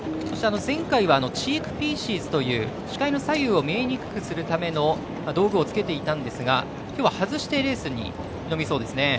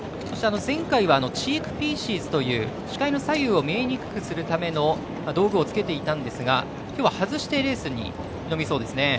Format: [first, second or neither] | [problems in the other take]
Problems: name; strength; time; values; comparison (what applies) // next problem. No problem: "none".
second | background sound (Tabla); 14 dB below the speech